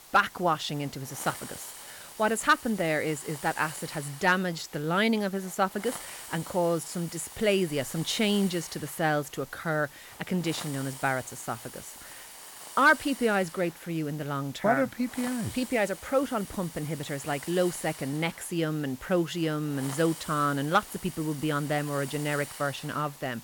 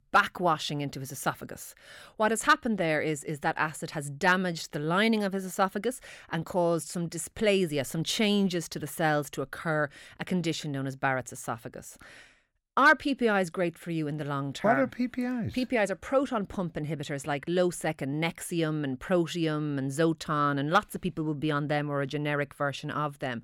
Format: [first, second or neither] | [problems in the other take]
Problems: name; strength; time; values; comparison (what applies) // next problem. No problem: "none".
second | hiss; noticeable; throughout; 15 dB below the speech